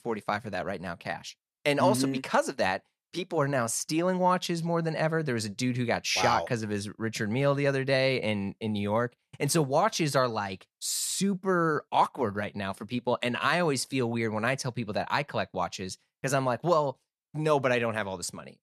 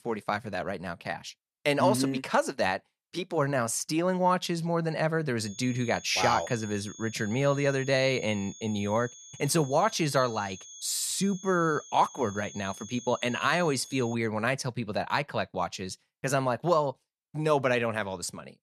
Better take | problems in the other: first | high-pitched whine; noticeable; from 5.5 to 14 s; 6.5 kHz, 15 dB below the speech

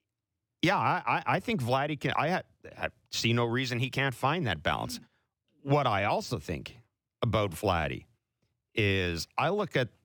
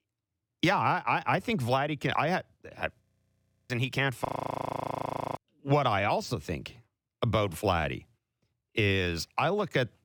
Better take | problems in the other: first | audio freezing; at 3 s for 0.5 s and at 4.5 s for 1 s

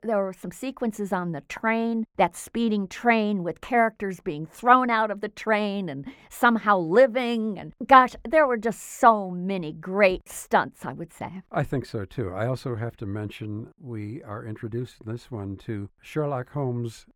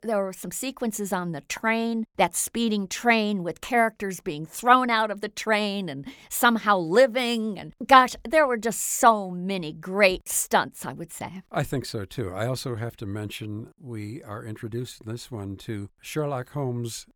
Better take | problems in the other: second | muffled; slightly; fading above 3 kHz

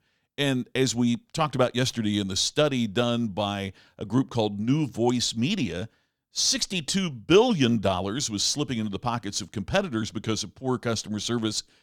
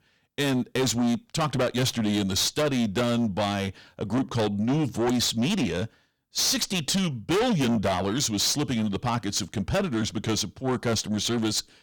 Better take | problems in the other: first | distortion; heavy; 6 dB below the speech

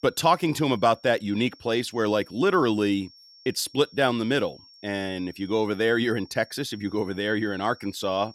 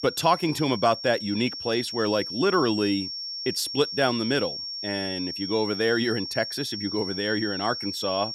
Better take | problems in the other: first | high-pitched whine; loud; throughout; 5.5 kHz, 6 dB below the speech; faint in the first

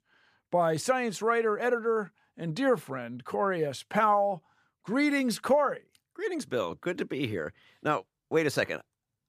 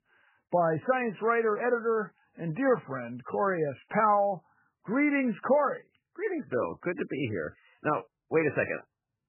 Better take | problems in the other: first | garbled, watery; badly; nothing above 3 kHz

